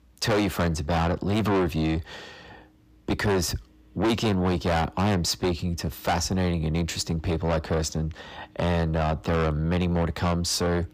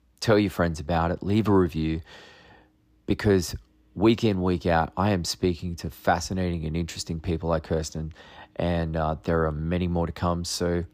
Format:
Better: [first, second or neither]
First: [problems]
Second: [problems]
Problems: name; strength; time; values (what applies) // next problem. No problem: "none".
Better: second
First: distortion; heavy; 6 dB below the speech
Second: none